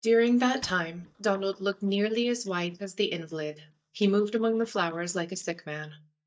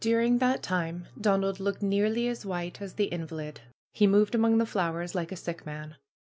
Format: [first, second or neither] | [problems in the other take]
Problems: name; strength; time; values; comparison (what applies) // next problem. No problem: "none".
second | noise reduction (neural mask model DeepFilterNet 3)